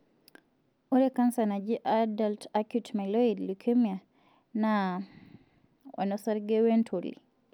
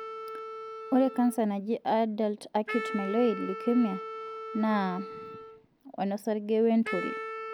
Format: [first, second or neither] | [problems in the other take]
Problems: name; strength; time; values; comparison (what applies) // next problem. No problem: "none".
first | background sound (Wind instrument, woodwind instrument); 10 dB below the speech